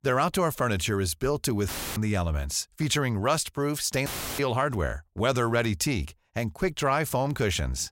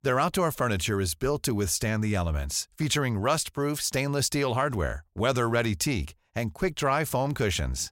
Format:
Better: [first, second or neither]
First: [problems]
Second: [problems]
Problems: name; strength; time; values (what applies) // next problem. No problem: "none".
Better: second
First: audio cutting out; filled with static; at 1.5 s and at 4 s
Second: none